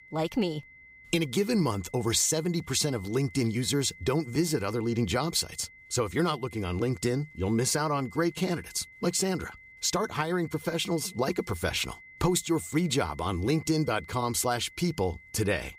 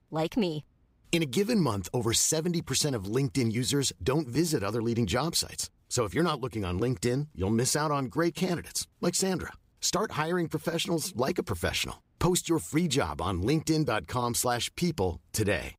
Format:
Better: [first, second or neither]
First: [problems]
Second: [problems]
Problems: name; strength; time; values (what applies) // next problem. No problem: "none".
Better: second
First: high-pitched whine; faint; throughout; 2 kHz, 20 dB below the speech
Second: none